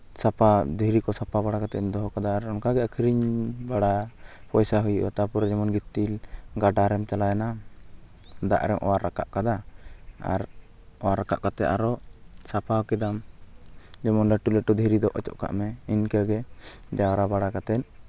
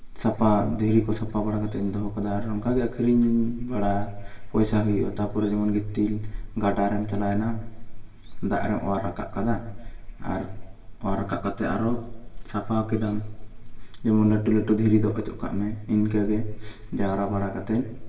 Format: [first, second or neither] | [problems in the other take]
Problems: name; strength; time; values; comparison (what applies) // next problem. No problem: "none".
first | room echo; dies away in 0.9 s